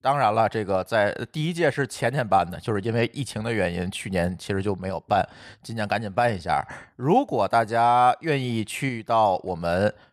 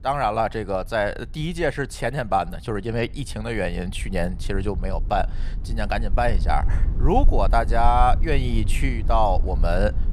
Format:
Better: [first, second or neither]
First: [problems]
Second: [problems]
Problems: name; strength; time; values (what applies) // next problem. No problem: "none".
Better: first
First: none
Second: low rumble; faint; throughout; 20 dB below the speech